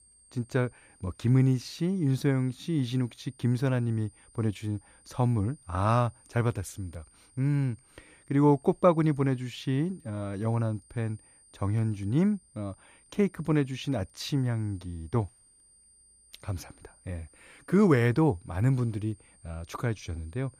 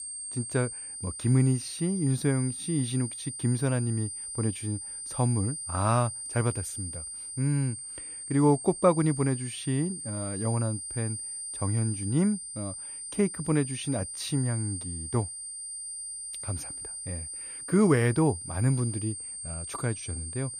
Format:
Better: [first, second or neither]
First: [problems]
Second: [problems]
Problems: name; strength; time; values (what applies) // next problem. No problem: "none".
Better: first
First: high-pitched whine; faint; throughout; 9 kHz, 30 dB below the speech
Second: high-pitched whine; loud; throughout; 9 kHz, 7 dB below the speech